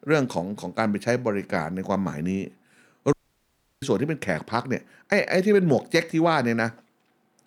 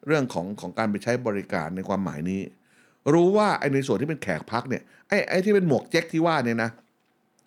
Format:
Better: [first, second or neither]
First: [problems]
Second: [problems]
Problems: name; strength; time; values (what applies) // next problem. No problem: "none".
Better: second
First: audio cutting out; at 3 s for 0.5 s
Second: none